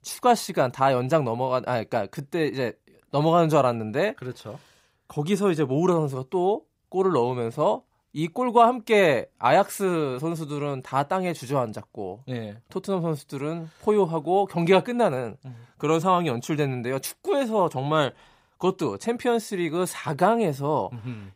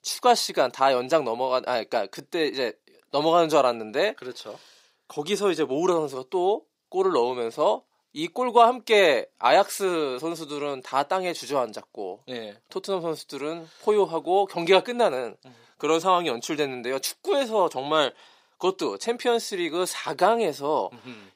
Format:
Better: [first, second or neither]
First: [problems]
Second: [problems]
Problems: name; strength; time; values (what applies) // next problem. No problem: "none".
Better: first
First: none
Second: thin; somewhat; fading below 350 Hz